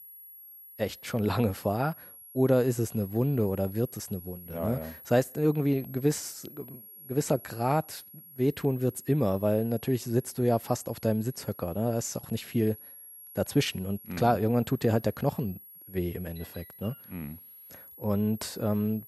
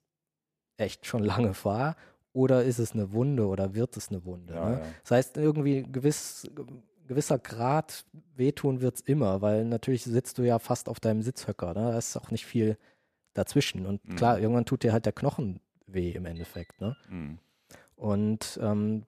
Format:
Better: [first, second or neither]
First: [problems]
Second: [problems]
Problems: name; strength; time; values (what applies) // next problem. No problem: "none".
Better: second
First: high-pitched whine; noticeable; throughout; 11.5 kHz, 15 dB below the speech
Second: none